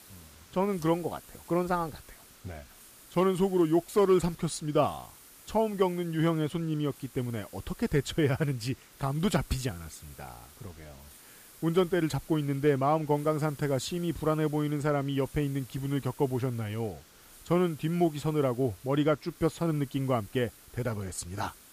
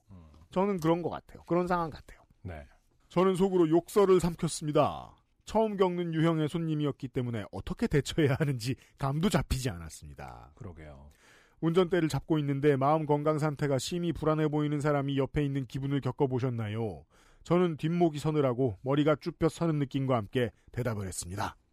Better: second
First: hiss; faint; throughout; 20 dB below the speech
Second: none

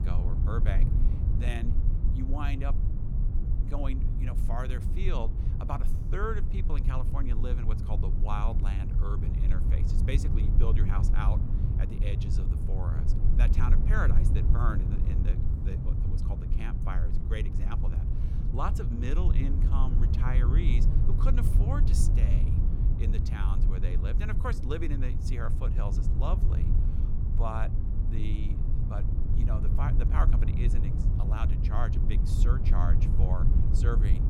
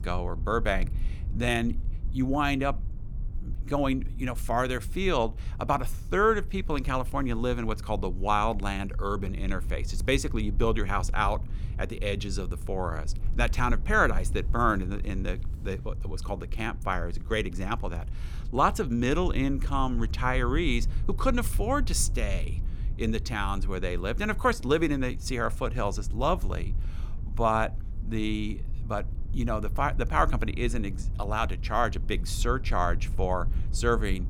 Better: second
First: low rumble; loud; throughout; 4 dB below the speech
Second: low rumble; faint; throughout; 25 dB below the speech

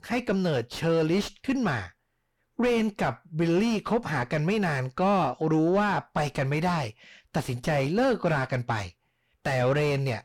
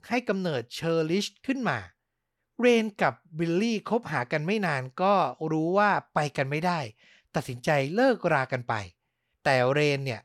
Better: second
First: distortion; heavy; 6 dB below the speech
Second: none

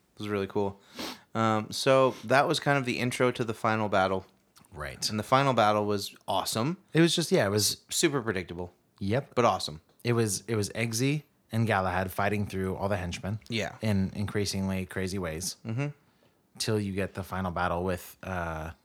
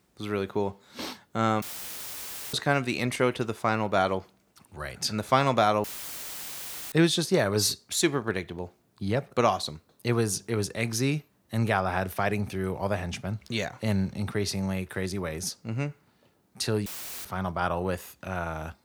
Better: first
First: none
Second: audio cutting out; filled with static; at 1.5 s for 1 s, at 6 s for 1 s and at 17 s

